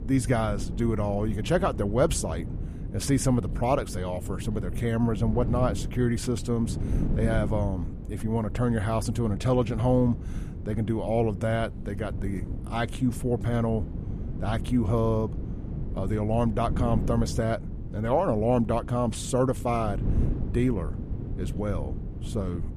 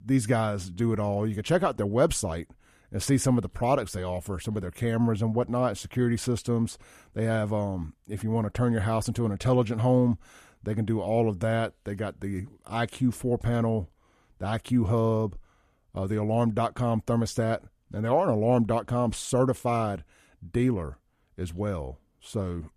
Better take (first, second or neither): second